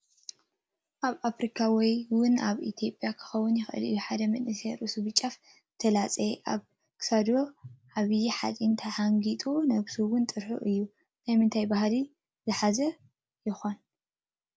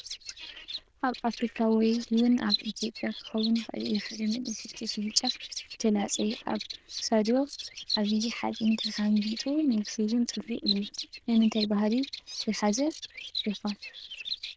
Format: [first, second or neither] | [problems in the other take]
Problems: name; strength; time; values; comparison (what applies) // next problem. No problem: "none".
first | noise reduction (neural diffusion model UNIVERSE++)